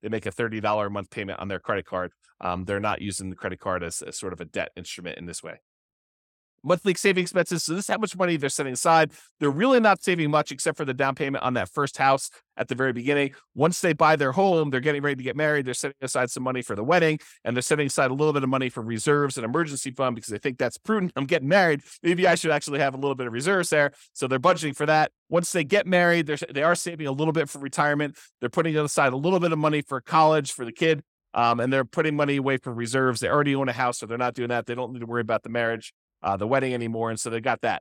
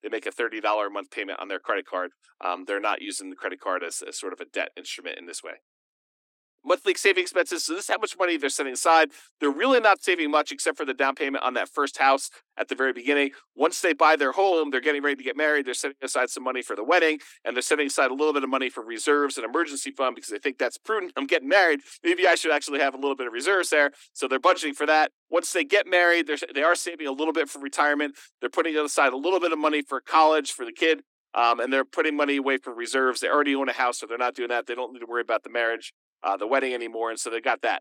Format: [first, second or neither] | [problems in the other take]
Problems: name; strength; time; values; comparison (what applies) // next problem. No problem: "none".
first | thin; very slightly; fading below 250 Hz